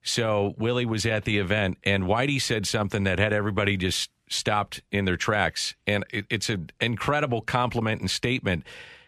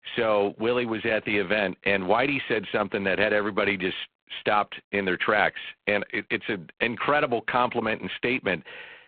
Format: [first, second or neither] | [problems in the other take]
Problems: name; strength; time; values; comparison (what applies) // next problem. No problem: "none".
first | phone-call audio; poor line; nothing above 4 kHz